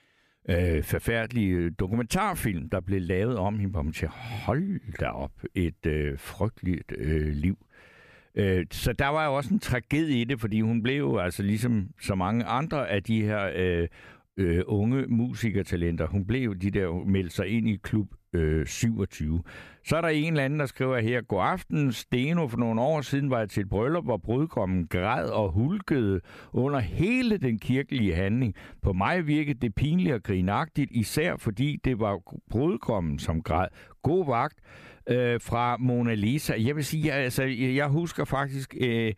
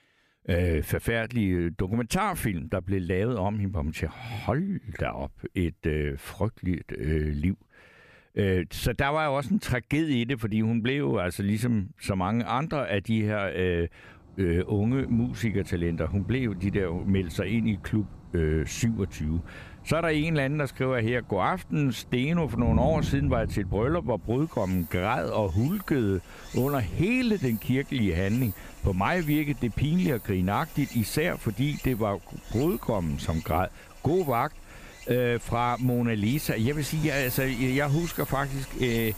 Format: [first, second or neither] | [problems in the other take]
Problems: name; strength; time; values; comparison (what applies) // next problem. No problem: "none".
first | rain or running water; noticeable; from 14 s on; 10 dB below the speech